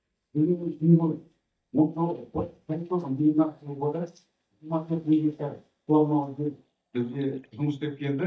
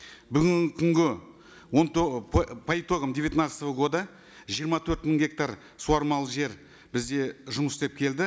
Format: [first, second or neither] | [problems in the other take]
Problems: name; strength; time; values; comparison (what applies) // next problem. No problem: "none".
second | noise reduction (neural mask model DeepFilterNet 3)